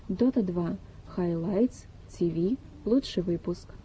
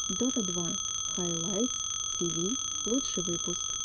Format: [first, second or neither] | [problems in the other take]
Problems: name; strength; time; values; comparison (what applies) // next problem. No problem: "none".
first | background sound (Telephone); 2 dB above the speech